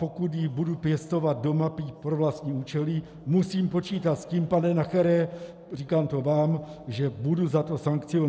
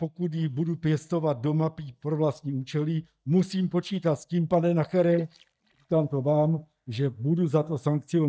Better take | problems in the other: first | noise reduction (neural mask model DeepFilterNet 3)

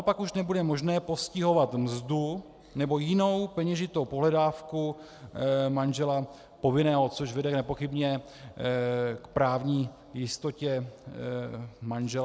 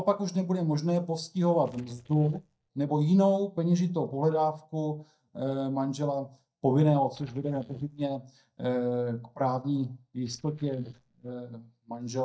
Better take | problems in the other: first | noise reduction (neural mask model DeepFilterNet 3)

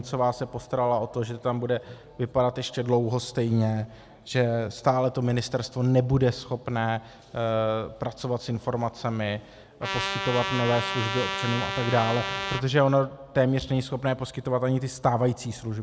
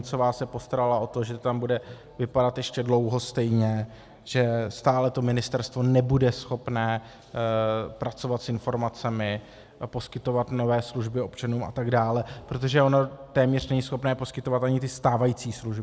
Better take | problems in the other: second | background sound (Trumpet); 4 dB below the speech

